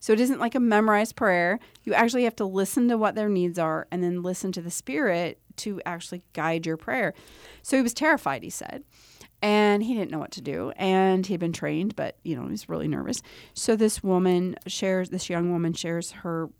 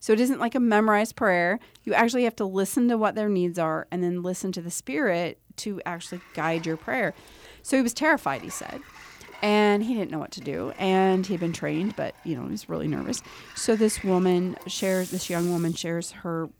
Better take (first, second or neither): first